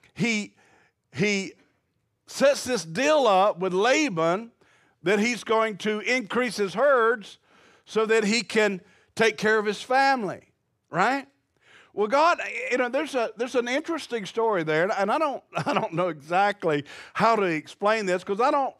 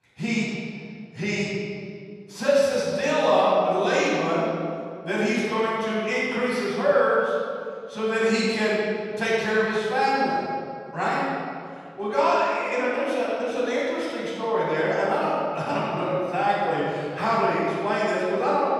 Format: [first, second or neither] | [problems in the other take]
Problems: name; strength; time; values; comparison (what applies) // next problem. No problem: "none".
first | off-mic speech; far // room echo; strong; dies away in 2.1 s